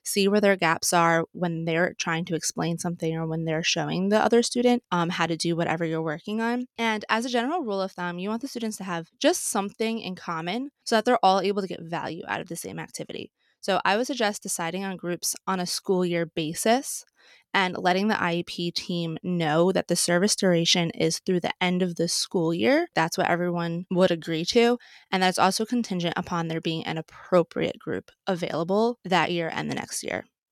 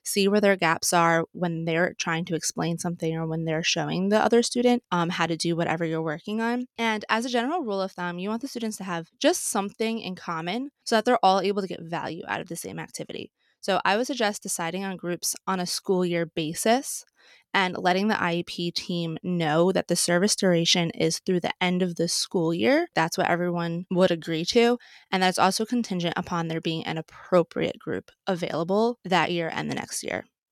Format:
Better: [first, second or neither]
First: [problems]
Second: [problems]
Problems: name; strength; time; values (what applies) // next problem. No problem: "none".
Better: neither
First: none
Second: none